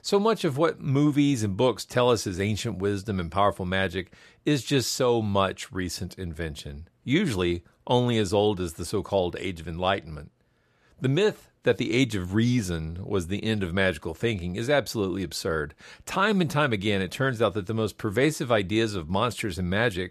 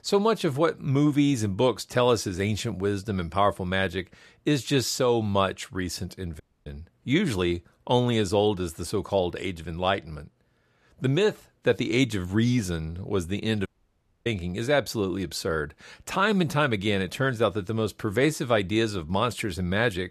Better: first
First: none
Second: audio cutting out; at 6.5 s and at 14 s for 0.5 s

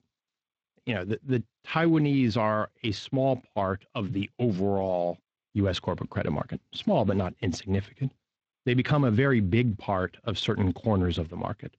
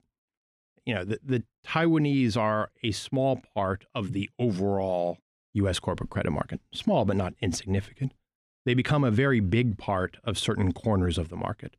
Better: second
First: garbled, watery; slightly; nothing above 7.5 kHz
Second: none

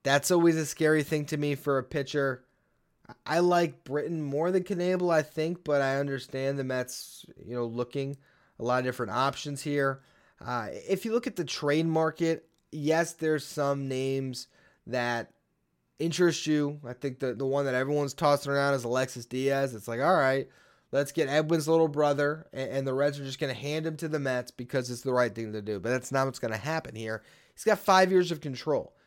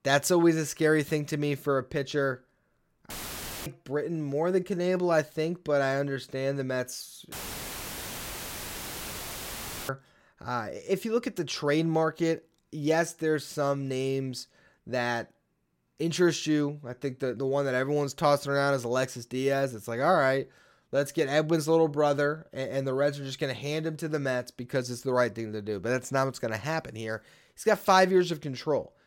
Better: first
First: none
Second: audio cutting out; filled with static; at 3 s for 0.5 s and at 7.5 s for 2.5 s

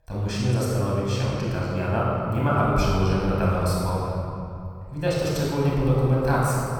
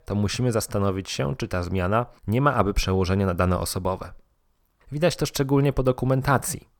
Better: second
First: off-mic speech; far // room echo; strong; dies away in 2.6 s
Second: none

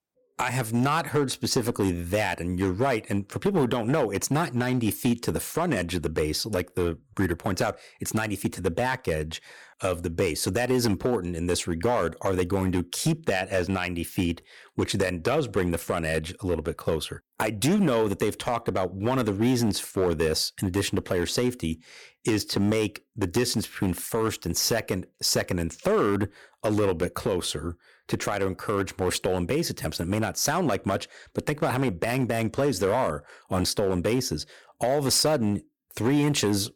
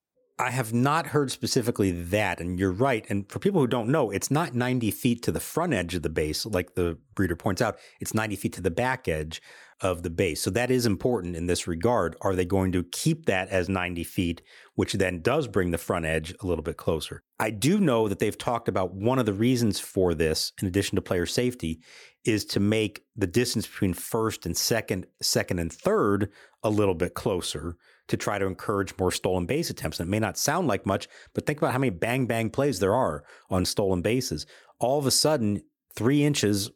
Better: second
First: distortion; slight; 5% of the sound clipped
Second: none

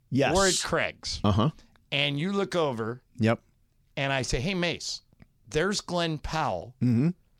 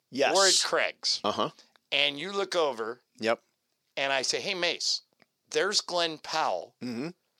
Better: first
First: none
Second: thin; somewhat; fading below 450 Hz

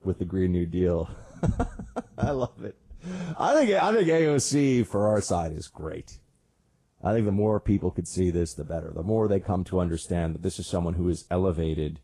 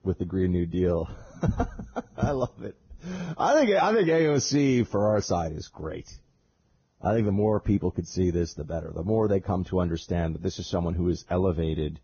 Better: first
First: garbled, watery; slightly; nothing above 10.5 kHz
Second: garbled, watery; badly; nothing above 6.5 kHz

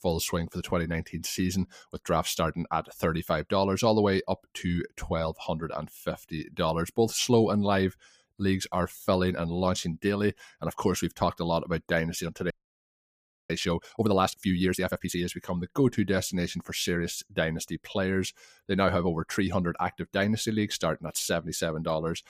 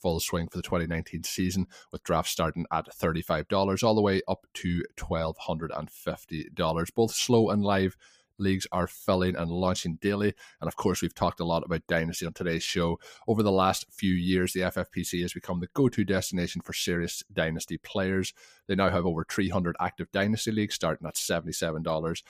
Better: second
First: audio freezing; at 13 s for 1 s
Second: none

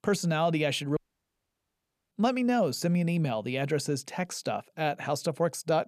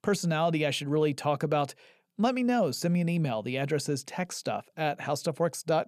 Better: second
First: audio cutting out; at 1 s for 1 s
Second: none

